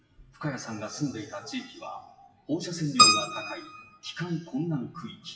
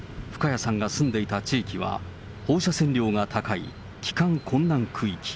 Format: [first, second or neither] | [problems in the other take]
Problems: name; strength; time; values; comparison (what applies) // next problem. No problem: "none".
second | noise reduction (classical method WPE with log-MMSE)